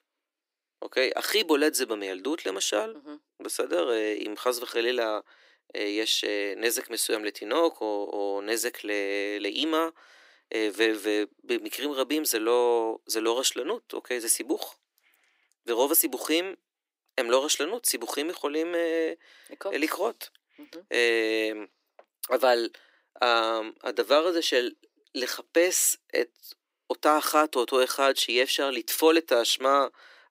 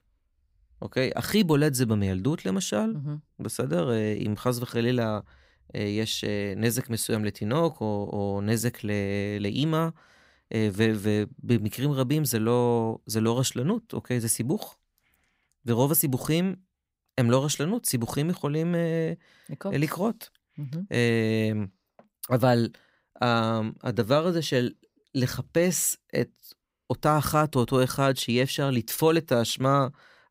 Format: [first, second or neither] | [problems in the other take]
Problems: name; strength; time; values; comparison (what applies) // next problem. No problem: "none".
second | thin; very; fading below 300 Hz